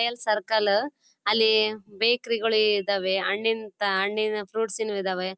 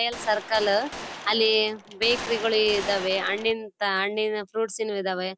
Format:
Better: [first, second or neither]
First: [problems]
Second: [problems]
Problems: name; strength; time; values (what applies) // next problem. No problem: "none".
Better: first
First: none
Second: background sound (Gunshot, gunfire); 11 dB below the speech